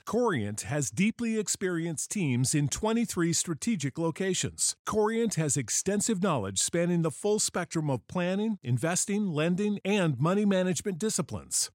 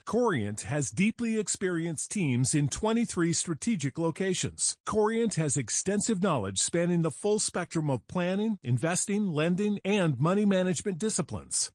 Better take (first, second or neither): first